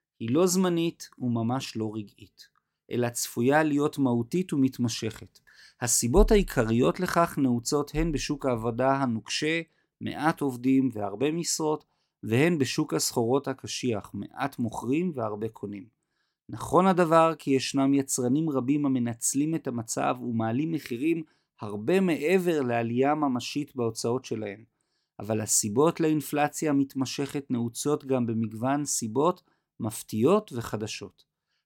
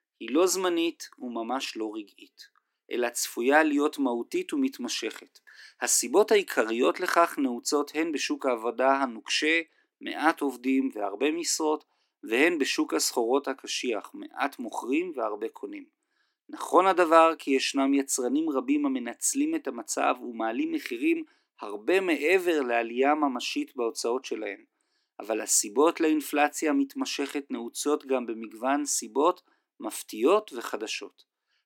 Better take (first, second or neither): first